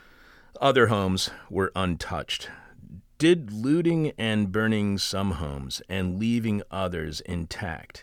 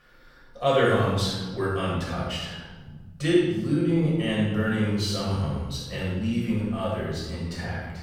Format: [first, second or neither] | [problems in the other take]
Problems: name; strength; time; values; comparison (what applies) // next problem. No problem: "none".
first | room echo; strong; dies away in 1.2 s // off-mic speech; far